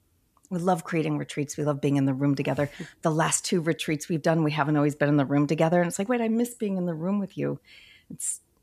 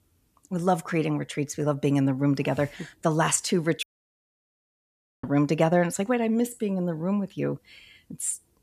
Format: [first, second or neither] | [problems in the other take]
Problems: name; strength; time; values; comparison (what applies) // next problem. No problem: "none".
first | audio cutting out; at 4 s for 1.5 s